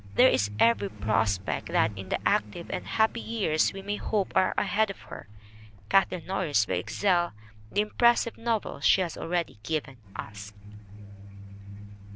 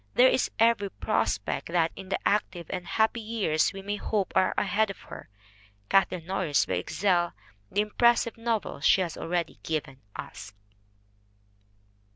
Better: second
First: background sound (Truck); 13 dB below the speech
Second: none

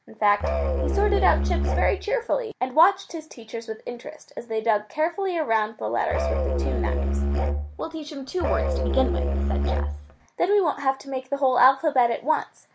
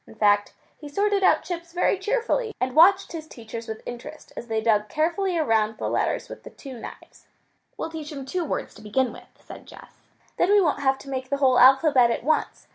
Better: second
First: background sound (Musical instrument); 1 dB above the speech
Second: none

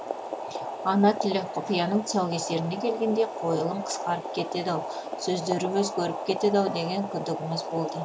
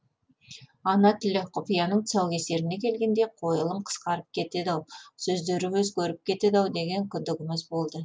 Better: second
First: background sound (Boiling); 6 dB below the speech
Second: none

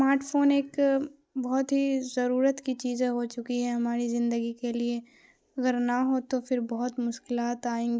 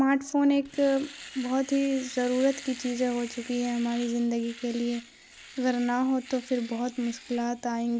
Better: first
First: none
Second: background sound (Domestic sounds, home sounds); 18 dB below the speech

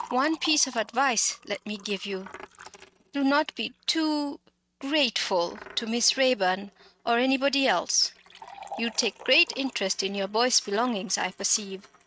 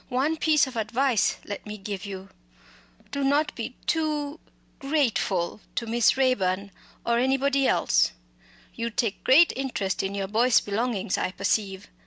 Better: second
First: noise reduction (neural mask model RNNoise)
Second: none

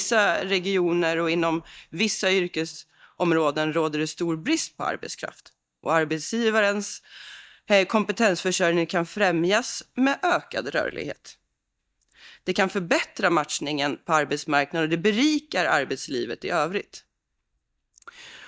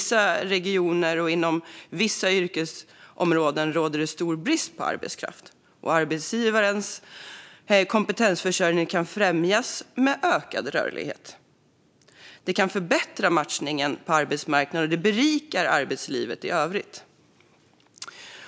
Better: second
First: noise reduction (neural mask model DeepFilterNet 3)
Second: none

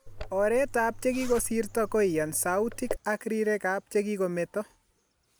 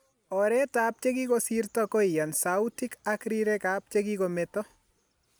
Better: second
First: background sound (Zipper (clothing)); 10 dB below the speech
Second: none

